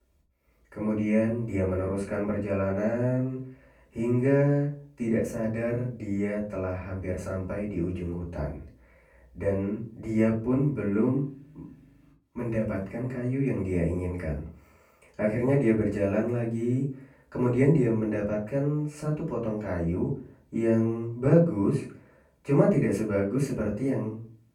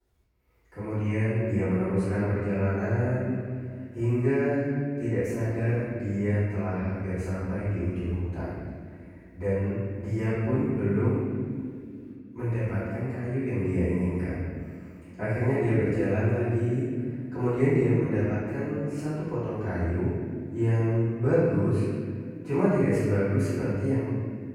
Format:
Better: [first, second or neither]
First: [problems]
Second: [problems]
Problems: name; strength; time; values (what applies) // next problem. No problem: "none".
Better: first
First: room echo; slight; dies away in 0.3 s // off-mic speech; far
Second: room echo; strong; dies away in 2 s // off-mic speech; far